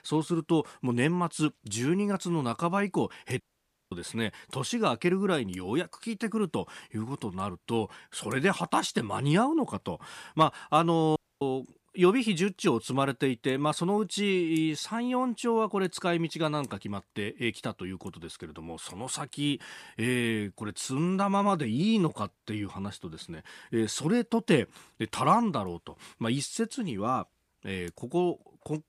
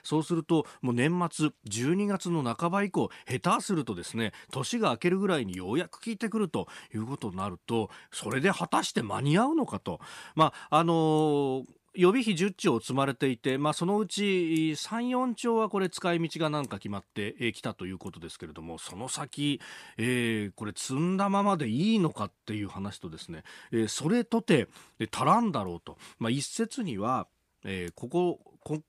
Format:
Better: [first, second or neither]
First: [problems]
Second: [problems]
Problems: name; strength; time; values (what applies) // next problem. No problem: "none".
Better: second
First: audio cutting out; at 3.5 s for 0.5 s and at 11 s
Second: none